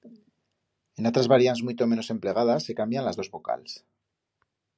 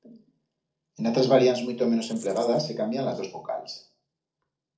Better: first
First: none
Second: noise reduction (neural separator model SepFormer DNS4)

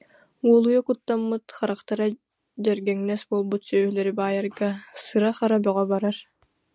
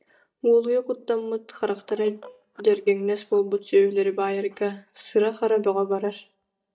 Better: first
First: none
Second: noise reduction (neural mask model DeepFilterNet 3)

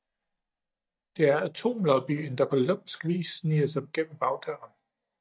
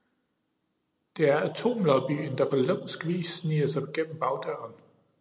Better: second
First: noise reduction (neural mask model DeepFilterNet 3)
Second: none

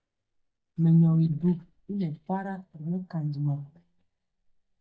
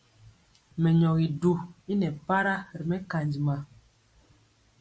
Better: second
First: noise reduction (neural mask model DeepFilterNet 3)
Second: none

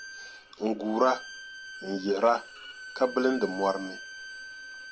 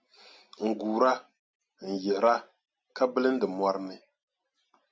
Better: second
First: background sound (Bowed string instrument); 13 dB below the speech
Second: none

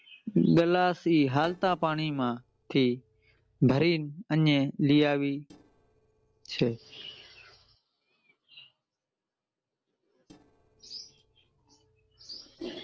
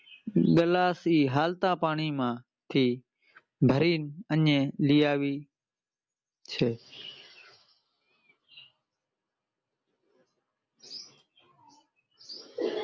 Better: second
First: noise reduction (neural separator model SepFormer DNS4)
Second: none

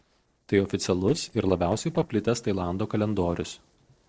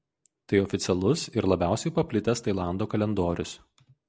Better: second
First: noise reduction (neural separator model SepFormer DNS4)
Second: none

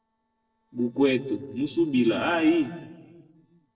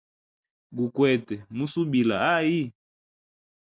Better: second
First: noise reduction (neural separator model SepFormer DNS4)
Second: none

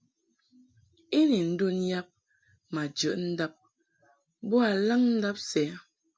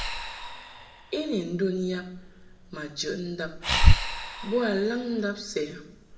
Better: first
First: none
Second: background sound (Breathing); 4 dB above the speech // room echo; dies away in 0.8 s

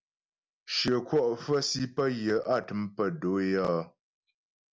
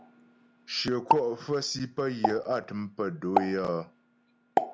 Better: first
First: none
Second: background sound (Explosion); 1 dB below the speech

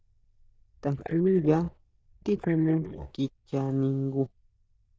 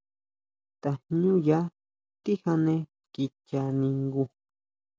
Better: second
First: noise reduction (neural diffusion model UNIVERSE++)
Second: none

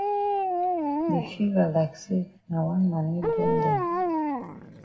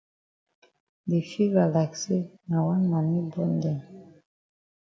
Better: second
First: background sound (Dog); as loud as the speech // room echo; dies away in 0.3 s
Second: none

